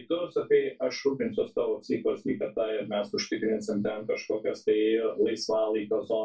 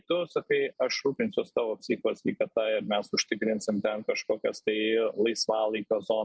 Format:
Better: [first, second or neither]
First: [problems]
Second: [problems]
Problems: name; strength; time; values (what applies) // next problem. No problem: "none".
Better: second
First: room echo; dies away in 0.2 s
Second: none